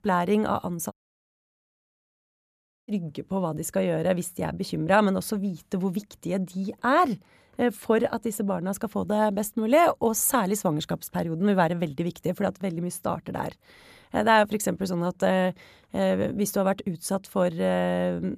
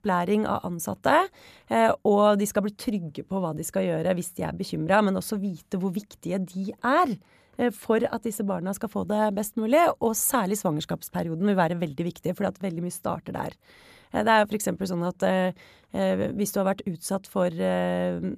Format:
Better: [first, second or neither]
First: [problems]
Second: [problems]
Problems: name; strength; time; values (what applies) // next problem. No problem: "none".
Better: second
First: audio cutting out; at 1 s for 2 s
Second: none